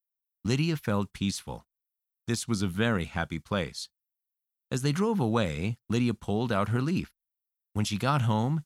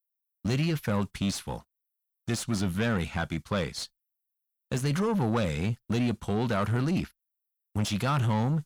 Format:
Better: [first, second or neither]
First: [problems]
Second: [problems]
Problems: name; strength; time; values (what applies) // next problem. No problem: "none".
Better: first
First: none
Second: distortion; slight; 10 dB below the speech